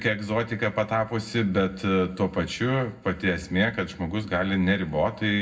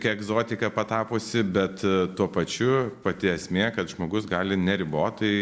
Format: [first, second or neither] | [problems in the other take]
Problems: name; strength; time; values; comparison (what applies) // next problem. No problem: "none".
second | room echo; dies away in 0.3 s